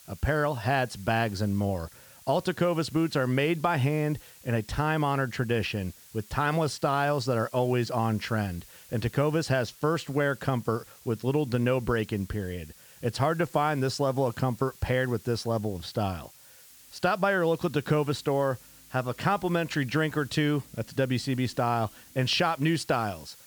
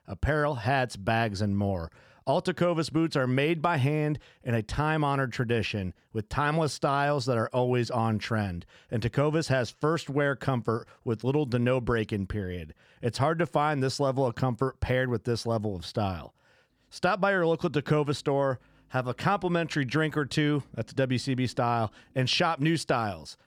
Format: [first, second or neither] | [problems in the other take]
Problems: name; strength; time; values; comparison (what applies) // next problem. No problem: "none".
second | hiss; faint; throughout; 20 dB below the speech